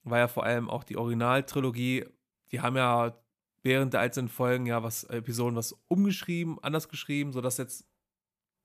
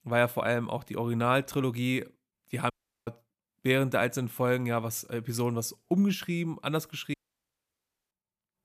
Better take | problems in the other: first | audio cutting out; at 2.5 s and at 7 s for 1 s

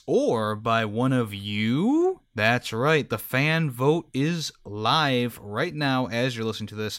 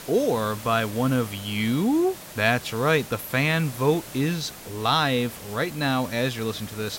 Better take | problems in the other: first | hiss; noticeable; throughout; 15 dB below the speech

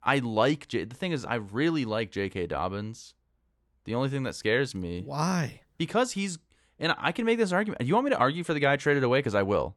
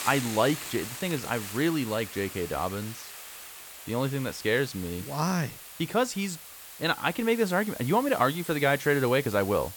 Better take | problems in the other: first | hiss; noticeable; throughout; 10 dB below the speech

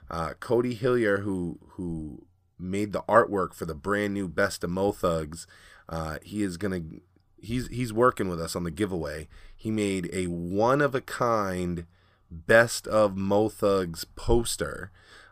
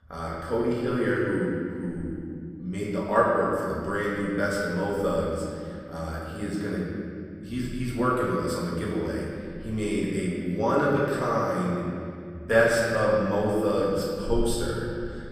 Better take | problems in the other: first | room echo; strong; dies away in 2.3 s // off-mic speech; far

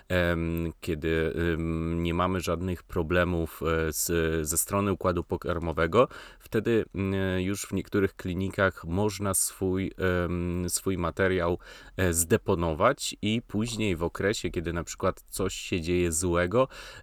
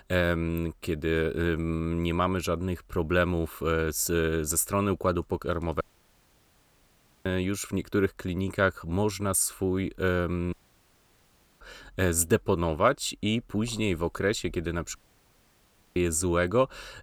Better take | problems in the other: first | audio cutting out; at 6 s for 1.5 s, at 11 s for 1 s and at 15 s for 1 s

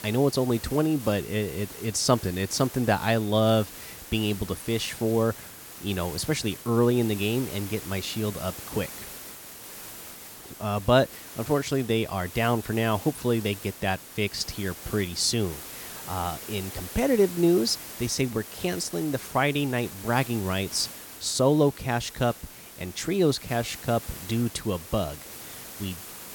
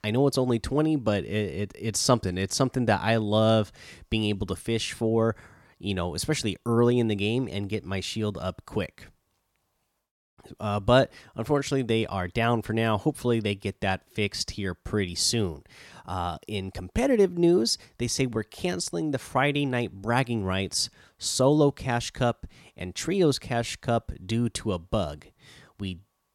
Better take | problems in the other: second | hiss; noticeable; throughout; 15 dB below the speech

